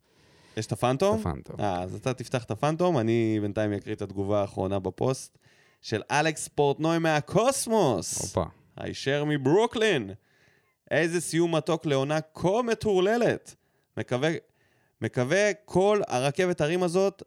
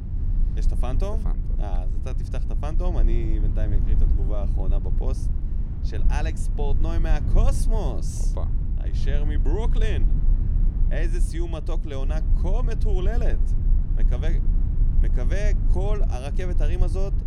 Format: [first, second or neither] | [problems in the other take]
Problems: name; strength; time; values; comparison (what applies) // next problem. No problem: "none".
first | low rumble; loud; throughout; 7 dB below the speech